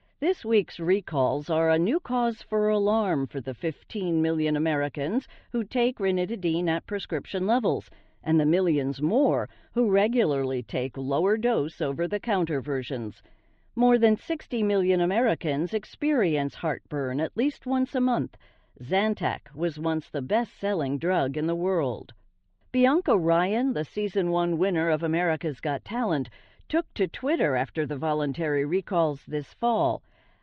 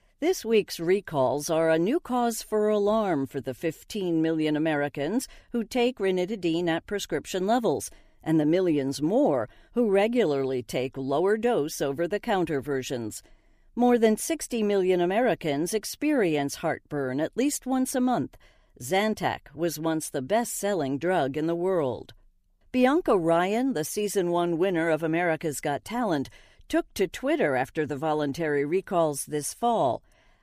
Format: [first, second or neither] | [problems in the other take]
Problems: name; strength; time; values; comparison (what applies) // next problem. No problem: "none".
second | muffled; very; fading above 4 kHz